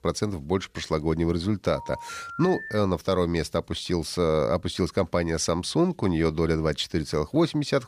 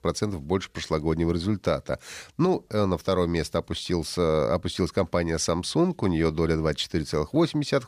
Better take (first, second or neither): second